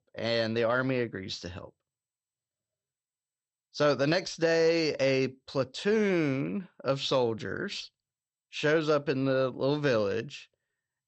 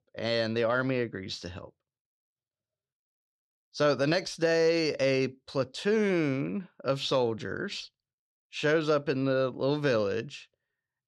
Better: second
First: garbled, watery; slightly; nothing above 7.5 kHz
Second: none

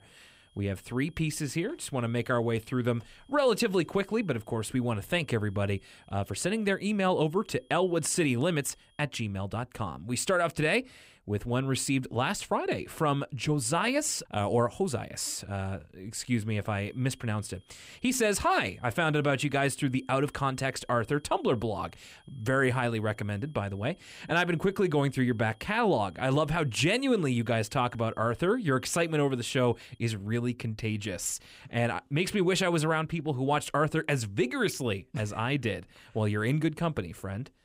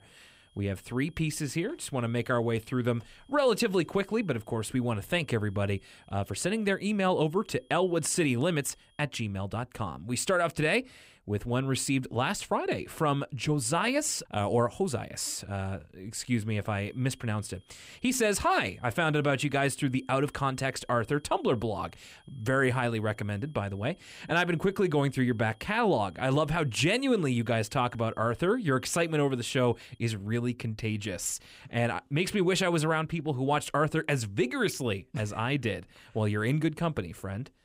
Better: neither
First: high-pitched whine; faint; until 9 s and from 17 to 30 s; 3 kHz, 35 dB below the speech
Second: high-pitched whine; faint; until 9 s and from 17 to 30 s; 3 kHz, 35 dB below the speech

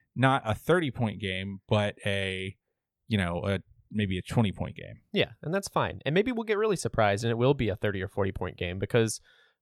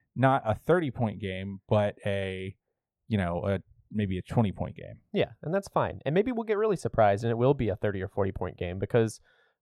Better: first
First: none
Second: muffled; slightly; fading above 2 kHz

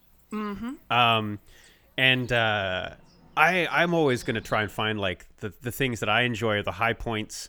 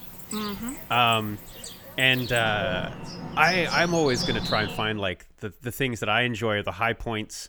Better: first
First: animal sounds; faint; until 5 s; 30 dB below the speech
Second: animal sounds; loud; until 5 s; 8 dB below the speech

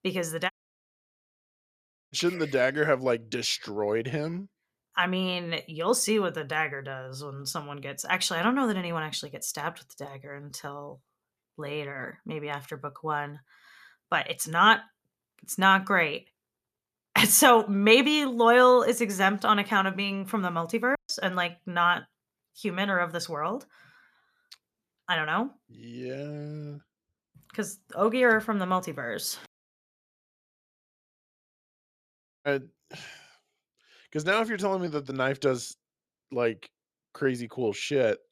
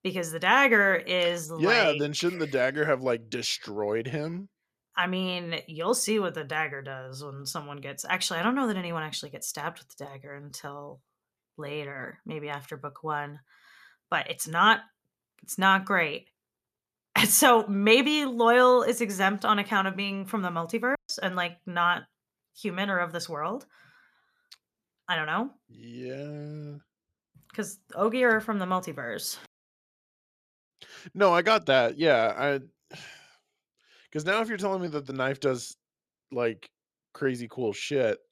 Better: second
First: audio cutting out; at 0.5 s for 1.5 s and at 31 s for 2 s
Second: none

